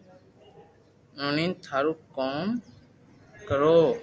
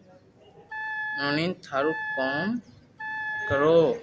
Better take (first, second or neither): first